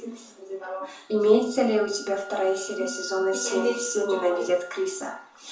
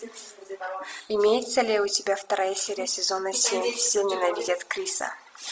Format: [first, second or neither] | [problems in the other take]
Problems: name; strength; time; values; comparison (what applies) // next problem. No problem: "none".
second | background sound (Wind instrument, woodwind instrument); 17 dB below the speech // room echo; dies away in 0.6 s